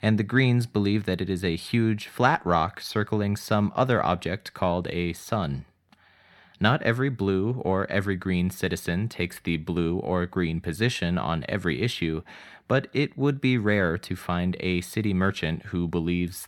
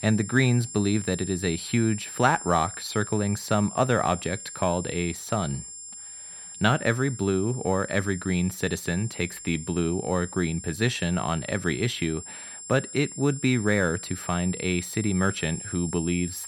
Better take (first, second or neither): first